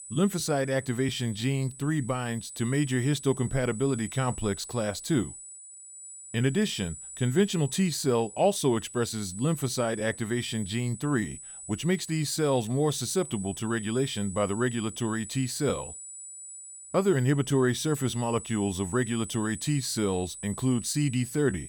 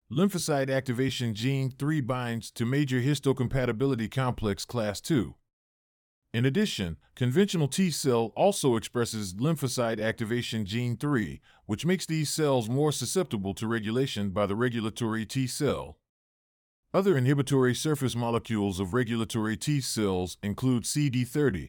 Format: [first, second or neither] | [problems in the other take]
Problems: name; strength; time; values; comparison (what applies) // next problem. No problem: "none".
second | high-pitched whine; noticeable; throughout; 8 kHz, 10 dB below the speech